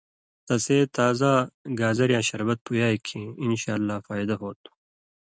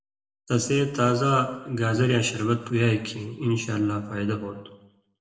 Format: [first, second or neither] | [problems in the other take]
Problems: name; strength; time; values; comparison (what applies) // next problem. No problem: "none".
first | room echo; dies away in 0.8 s